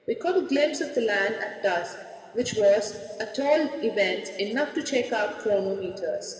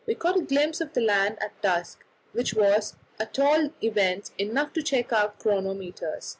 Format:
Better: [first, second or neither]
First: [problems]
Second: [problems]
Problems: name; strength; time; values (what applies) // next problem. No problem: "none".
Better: second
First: room echo; dies away in 2.1 s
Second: none